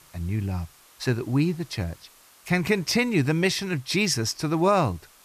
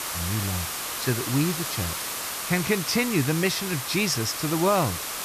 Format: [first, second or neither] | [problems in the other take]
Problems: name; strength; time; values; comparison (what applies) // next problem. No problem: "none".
first | hiss; loud; throughout; 3 dB below the speech; faint in the first